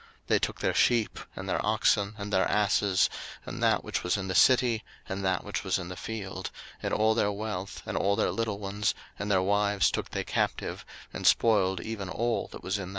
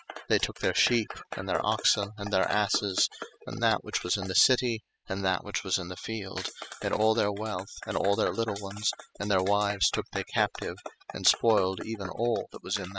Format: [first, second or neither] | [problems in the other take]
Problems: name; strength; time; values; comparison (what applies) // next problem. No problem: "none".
first | noise reduction (classical method spectral subtraction)